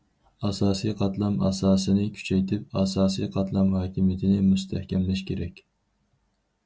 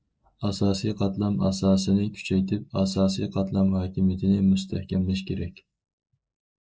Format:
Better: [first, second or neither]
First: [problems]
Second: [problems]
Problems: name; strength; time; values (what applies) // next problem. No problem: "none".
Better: first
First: none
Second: noise reduction (neural mask model Resemble Enhance denoiser)